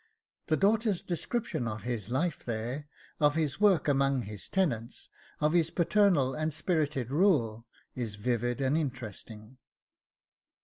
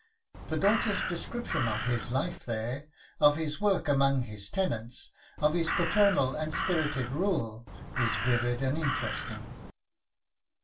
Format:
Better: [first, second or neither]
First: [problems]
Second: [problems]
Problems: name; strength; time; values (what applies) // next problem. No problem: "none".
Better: first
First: none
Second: background sound (Crow); 5 dB below the speech // room echo; dies away in 0.2 s